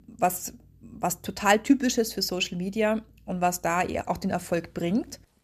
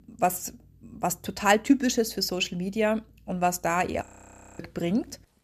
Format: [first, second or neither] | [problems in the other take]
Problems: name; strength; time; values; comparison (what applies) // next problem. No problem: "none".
first | audio freezing; at 4 s for 0.5 s